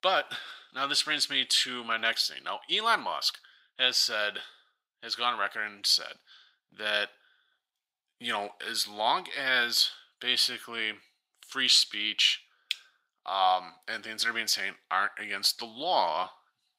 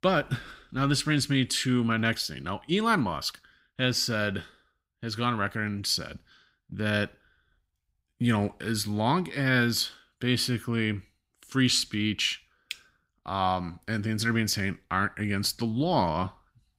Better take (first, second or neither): second